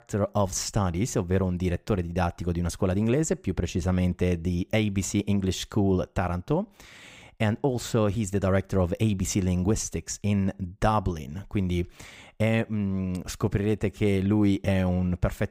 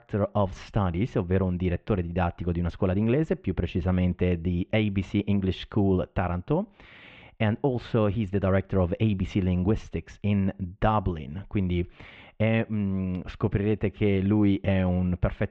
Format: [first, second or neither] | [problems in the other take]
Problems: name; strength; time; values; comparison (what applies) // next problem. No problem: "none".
first | muffled; very; fading above 3 kHz